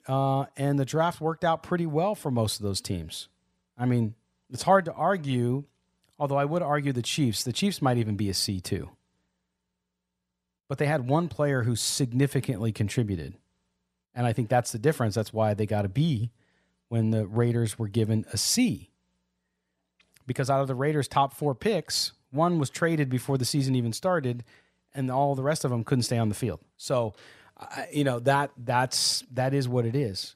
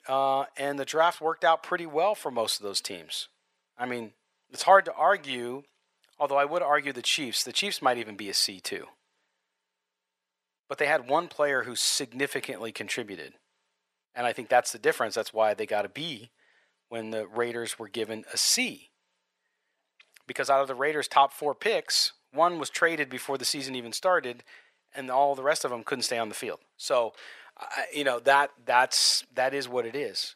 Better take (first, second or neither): first